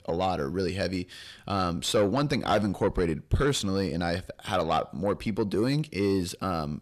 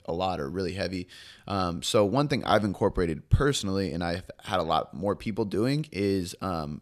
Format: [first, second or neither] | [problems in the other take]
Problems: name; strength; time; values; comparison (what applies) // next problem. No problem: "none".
second | distortion; slight; 10 dB below the speech